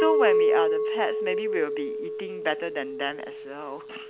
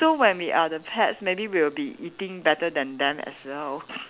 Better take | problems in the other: second | background sound (Chink, clink); 4 dB above the speech

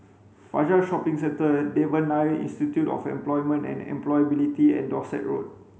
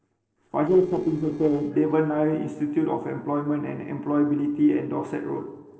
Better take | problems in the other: first | noise reduction (neural separator model SepFormer DNS4)

